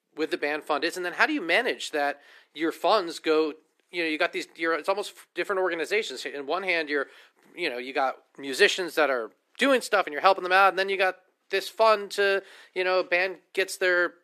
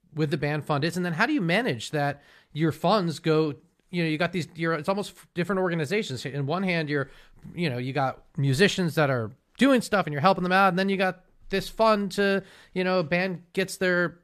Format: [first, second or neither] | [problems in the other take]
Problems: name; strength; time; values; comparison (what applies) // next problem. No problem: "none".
second | thin; somewhat; fading below 300 Hz